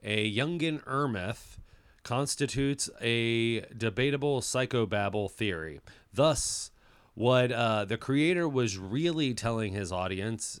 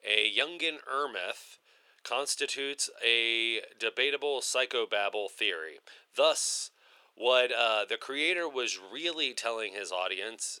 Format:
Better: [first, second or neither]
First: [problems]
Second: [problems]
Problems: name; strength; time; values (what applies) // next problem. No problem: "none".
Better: first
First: none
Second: thin; very; fading below 450 Hz